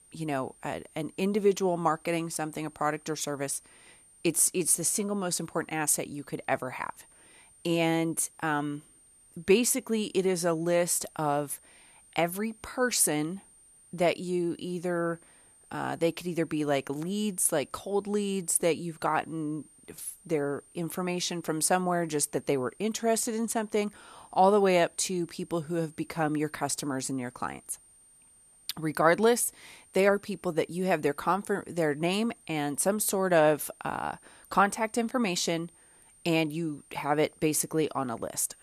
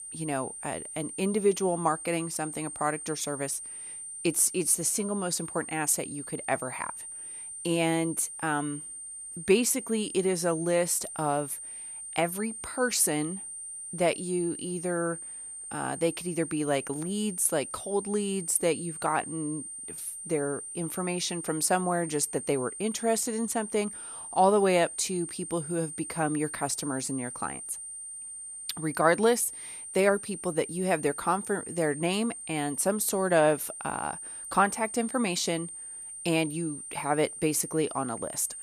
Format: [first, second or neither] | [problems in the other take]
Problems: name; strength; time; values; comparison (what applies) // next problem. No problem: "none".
first | high-pitched whine; loud; throughout; 9 kHz, 9 dB below the speech; faint in the first